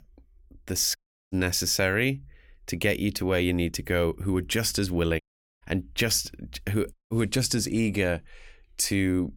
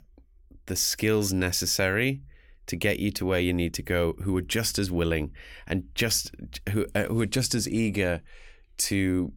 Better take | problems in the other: second | audio cutting out; at 1 s, at 5 s and at 7 s

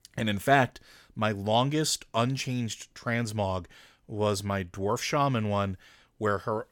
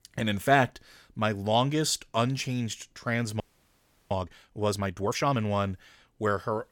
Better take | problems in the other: first | audio freezing; at 3.5 s for 0.5 s

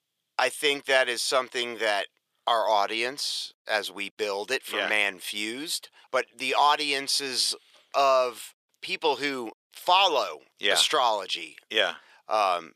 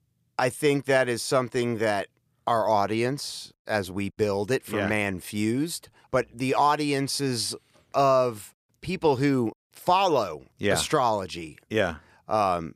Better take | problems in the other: second | thin; somewhat; fading below 550 Hz

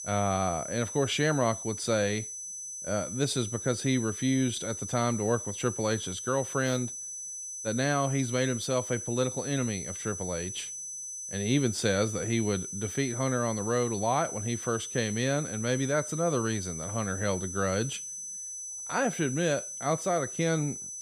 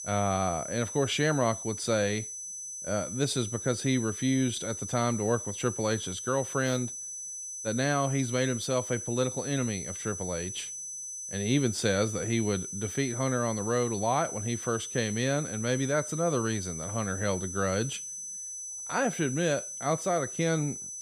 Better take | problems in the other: neither | high-pitched whine; loud; throughout; 6 kHz, 6 dB below the speech; the same in both

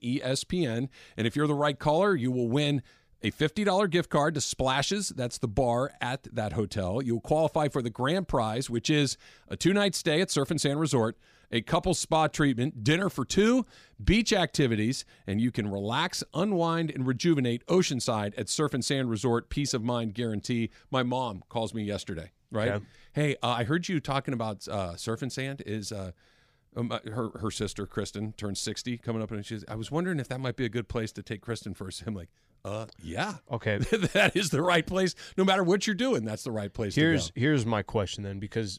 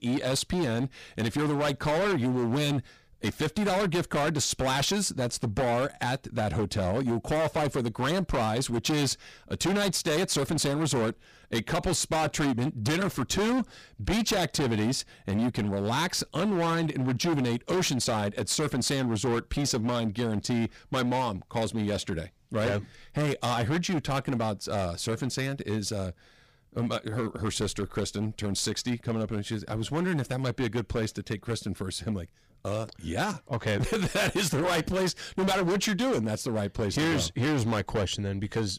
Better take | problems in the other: first | distortion; heavy; 20% of the sound clipped

